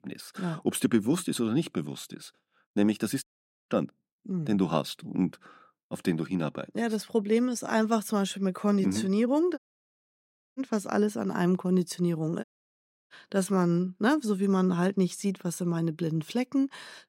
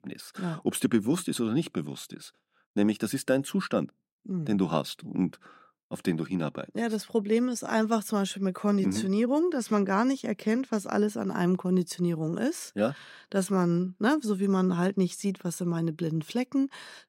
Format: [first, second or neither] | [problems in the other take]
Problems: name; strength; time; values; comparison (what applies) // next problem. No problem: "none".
second | audio cutting out; at 3 s, at 9.5 s for 1 s and at 12 s for 0.5 s